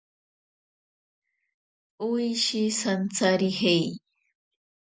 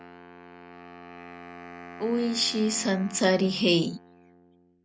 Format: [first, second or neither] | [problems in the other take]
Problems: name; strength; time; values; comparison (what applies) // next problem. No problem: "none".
first | background sound (Wind instrument, woodwind instrument); 16 dB below the speech